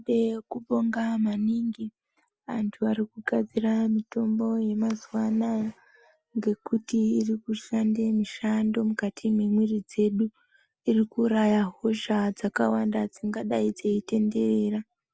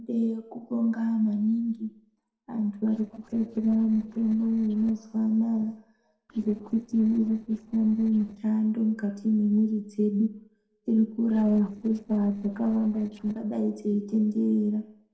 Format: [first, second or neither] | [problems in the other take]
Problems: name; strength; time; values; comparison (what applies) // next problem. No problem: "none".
first | noise reduction (neural separator model SepFormer DNS4)